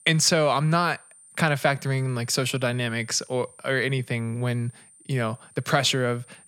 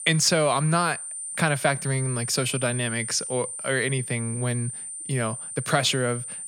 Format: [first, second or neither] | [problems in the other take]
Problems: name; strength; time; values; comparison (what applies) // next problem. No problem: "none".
first | high-pitched whine; loud; throughout; 9 kHz, 7 dB below the speech; faint in the first